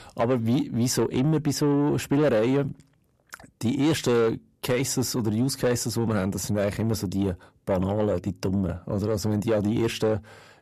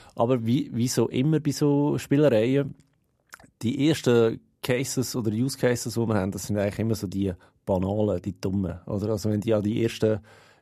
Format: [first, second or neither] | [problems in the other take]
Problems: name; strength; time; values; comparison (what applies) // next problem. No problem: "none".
second | distortion; slight; 10 dB below the speech